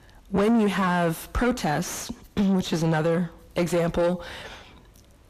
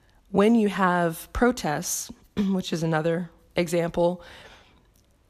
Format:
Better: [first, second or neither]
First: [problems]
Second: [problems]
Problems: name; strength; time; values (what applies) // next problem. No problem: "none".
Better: second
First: distortion; heavy; 7 dB below the speech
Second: none